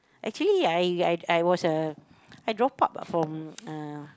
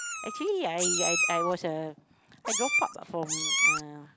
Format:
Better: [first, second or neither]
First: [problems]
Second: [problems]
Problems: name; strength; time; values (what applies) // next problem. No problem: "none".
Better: first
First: none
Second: background sound (Meow); 3 dB above the speech